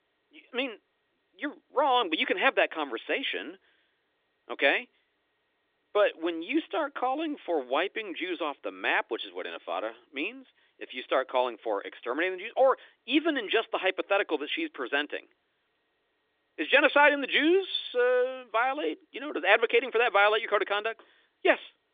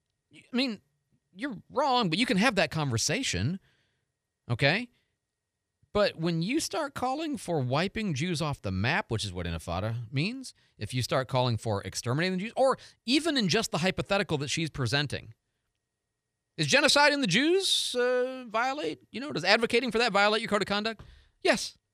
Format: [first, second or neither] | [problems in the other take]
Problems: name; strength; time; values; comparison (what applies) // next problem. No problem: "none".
second | phone-call audio